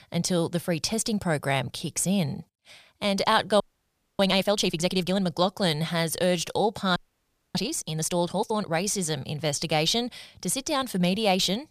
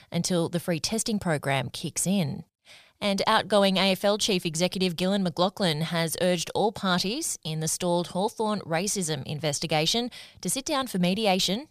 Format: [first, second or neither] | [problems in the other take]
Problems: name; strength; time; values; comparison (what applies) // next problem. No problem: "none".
second | audio freezing; at 3.5 s for 0.5 s and at 7 s for 0.5 s